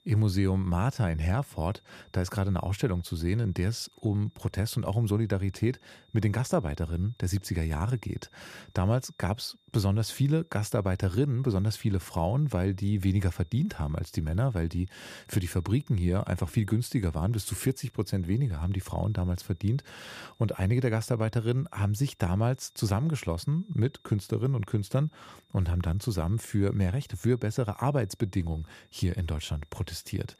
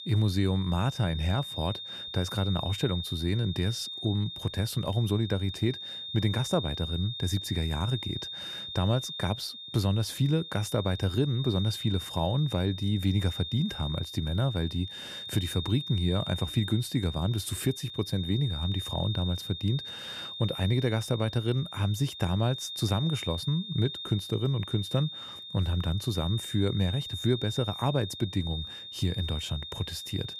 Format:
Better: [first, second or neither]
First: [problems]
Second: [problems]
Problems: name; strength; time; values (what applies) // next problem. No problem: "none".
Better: first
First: high-pitched whine; faint; throughout; 3.5 kHz, 35 dB below the speech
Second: high-pitched whine; loud; throughout; 3.5 kHz, 7 dB below the speech